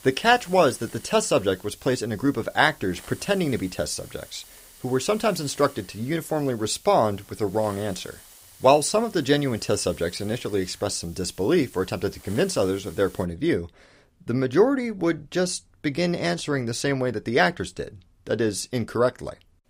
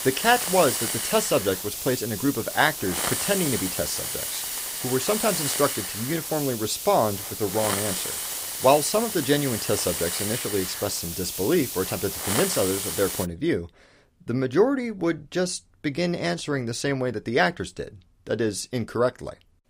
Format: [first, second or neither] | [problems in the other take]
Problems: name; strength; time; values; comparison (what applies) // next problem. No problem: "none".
first | hiss; loud; until 13 s; 2 dB below the speech; faint in the first